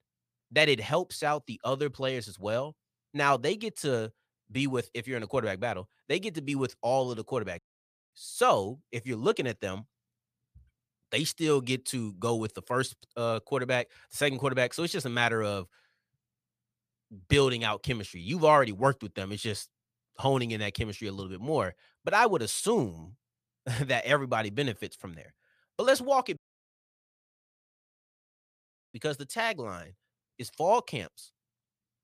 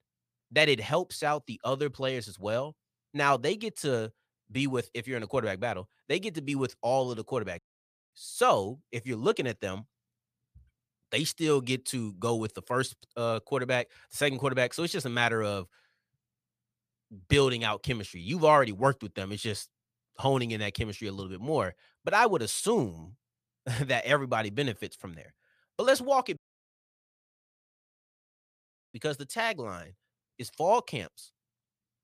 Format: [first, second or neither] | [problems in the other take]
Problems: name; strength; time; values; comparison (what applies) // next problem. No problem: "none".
neither | audio cutting out; at 7.5 s for 0.5 s and at 26 s for 2.5 s; the same in both